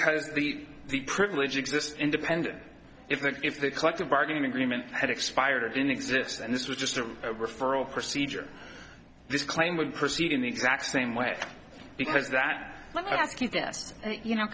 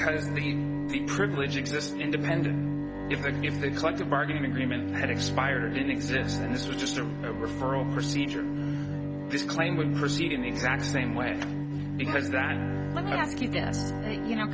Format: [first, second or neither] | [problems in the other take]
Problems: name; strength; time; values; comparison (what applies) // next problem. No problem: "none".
first | background sound (Bowed string instrument); 1 dB above the speech